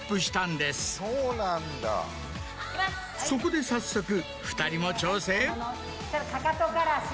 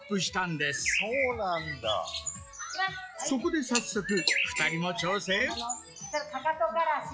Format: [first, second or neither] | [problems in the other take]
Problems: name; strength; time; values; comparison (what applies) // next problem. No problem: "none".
first | noise reduction (classical method log-MMSE)